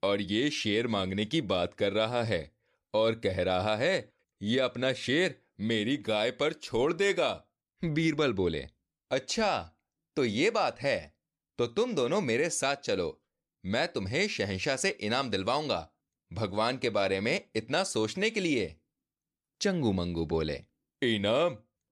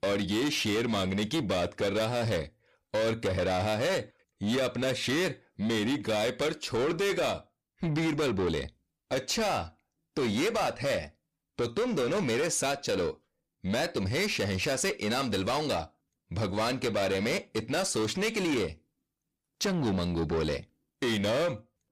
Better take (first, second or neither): first